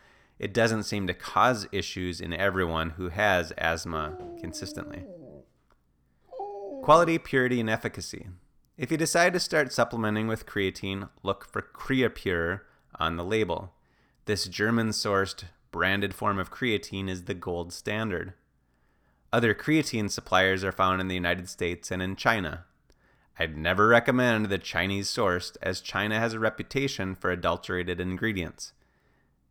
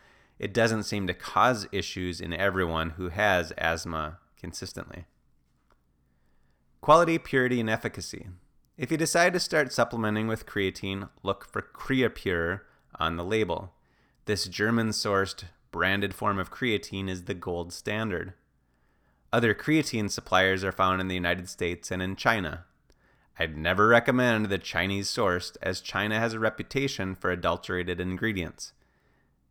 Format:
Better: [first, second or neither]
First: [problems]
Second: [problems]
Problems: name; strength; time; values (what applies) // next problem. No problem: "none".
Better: second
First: dog barking; faint; from 4 to 7 s; peak 10 dB below the speech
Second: none